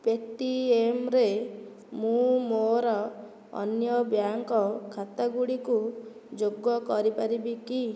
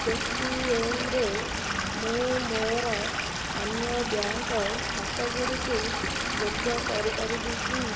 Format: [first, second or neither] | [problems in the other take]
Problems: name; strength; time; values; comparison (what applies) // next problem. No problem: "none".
first | background sound (Stream / Liquid); 1 dB above the speech